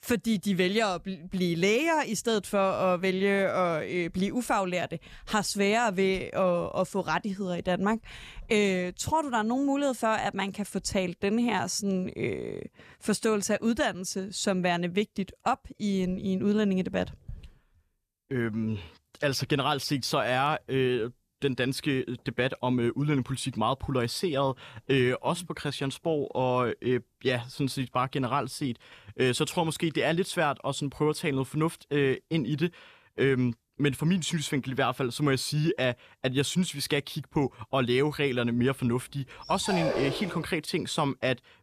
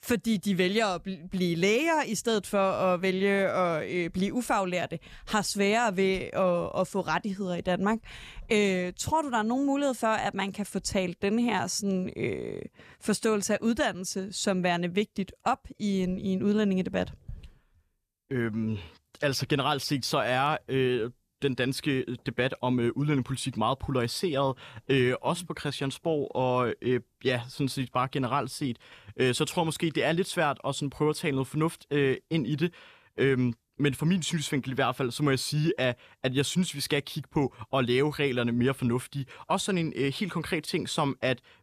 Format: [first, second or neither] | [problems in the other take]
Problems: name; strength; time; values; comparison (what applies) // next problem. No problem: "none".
second | dog barking; noticeable; at 39 s; peak 1 dB below the speech